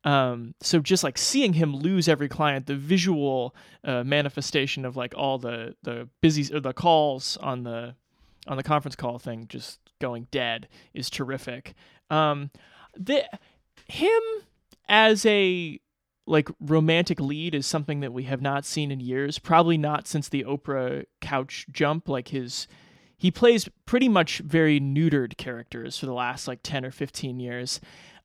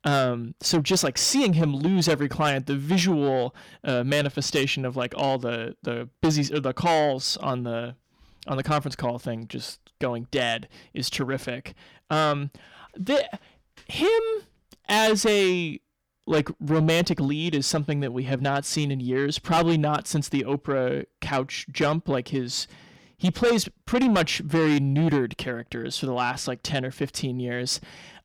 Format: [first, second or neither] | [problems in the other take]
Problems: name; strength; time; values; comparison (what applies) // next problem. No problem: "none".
first | distortion; heavy; 8 dB below the speech